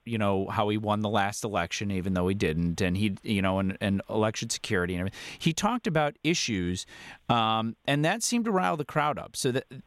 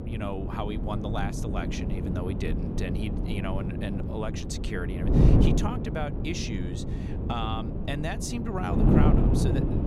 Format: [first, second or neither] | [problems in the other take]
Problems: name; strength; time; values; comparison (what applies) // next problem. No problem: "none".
first | wind noise on the microphone; heavy; as loud as the speech